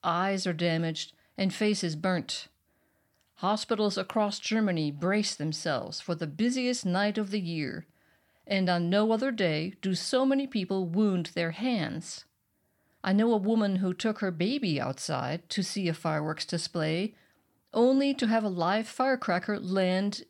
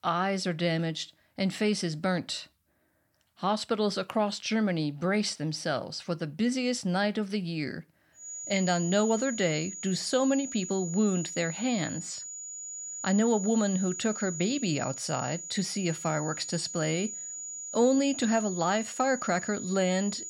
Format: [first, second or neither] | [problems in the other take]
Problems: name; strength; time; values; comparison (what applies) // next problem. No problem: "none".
first | high-pitched whine; loud; from 8 s on; 7 kHz, 8 dB below the speech